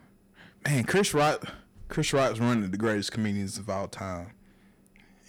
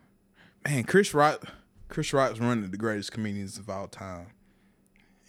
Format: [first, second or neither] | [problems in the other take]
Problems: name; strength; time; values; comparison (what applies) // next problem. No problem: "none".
second | distortion; heavy; 7 dB below the speech